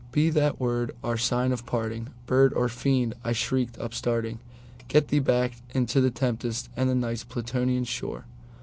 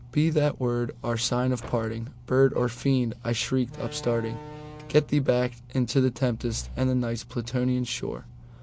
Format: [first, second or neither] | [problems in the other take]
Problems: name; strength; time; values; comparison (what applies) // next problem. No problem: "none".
first | background sound (Slam); 19 dB below the speech